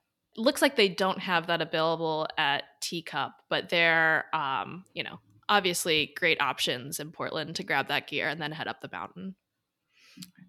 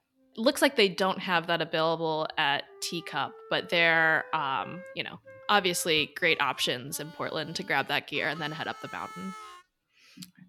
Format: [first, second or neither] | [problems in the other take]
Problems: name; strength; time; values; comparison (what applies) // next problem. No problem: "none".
first | background music; faint; throughout; 20 dB below the speech